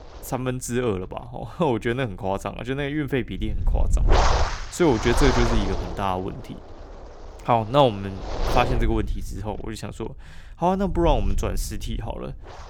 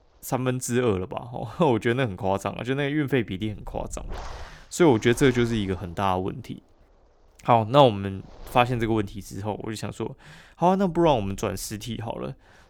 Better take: second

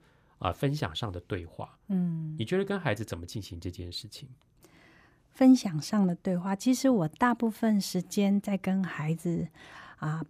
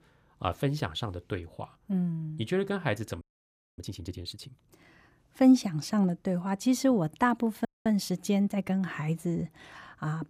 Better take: first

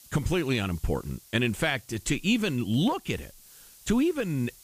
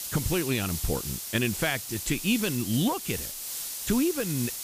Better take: first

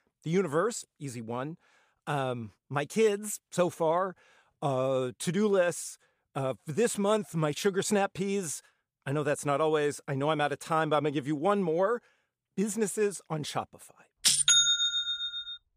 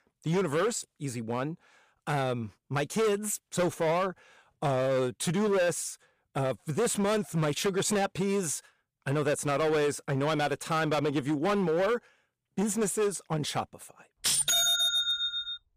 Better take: first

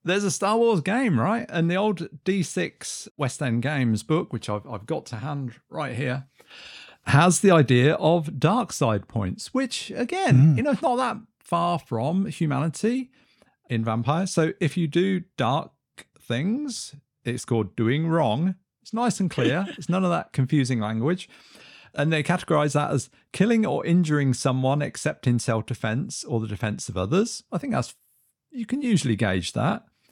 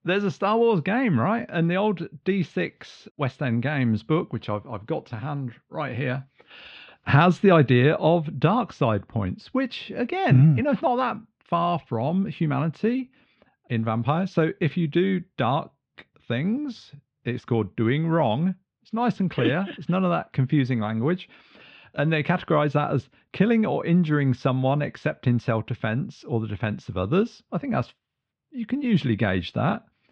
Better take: first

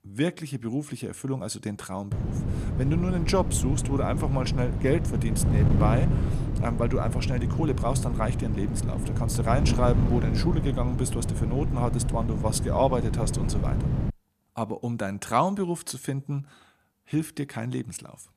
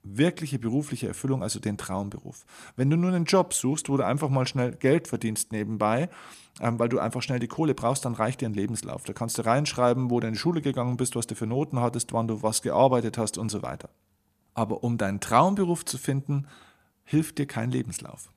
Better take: second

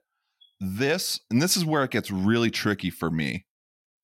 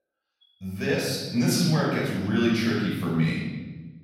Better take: first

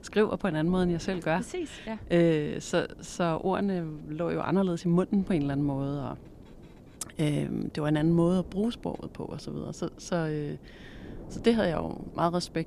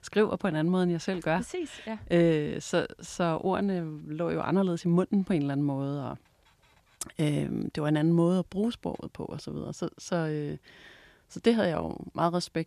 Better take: second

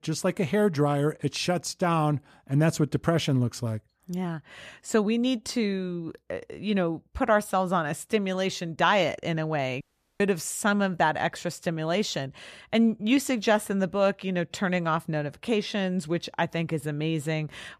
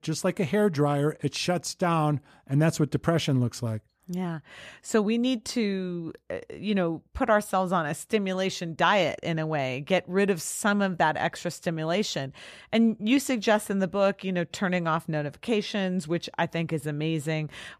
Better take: second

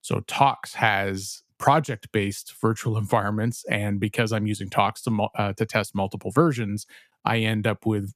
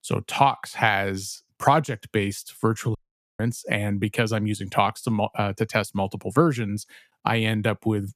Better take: first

